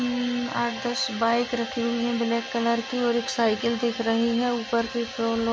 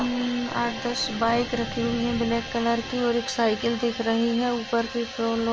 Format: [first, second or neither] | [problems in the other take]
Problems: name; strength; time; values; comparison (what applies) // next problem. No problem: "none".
first | background sound (Thunder); 15 dB below the speech